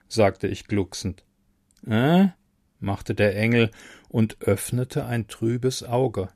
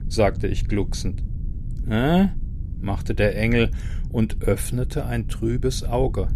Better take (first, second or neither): first